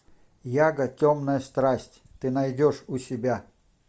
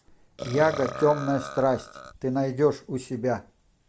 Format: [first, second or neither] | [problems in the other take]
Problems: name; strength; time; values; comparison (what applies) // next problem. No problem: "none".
first | background sound (Burping, eructation); 12 dB below the speech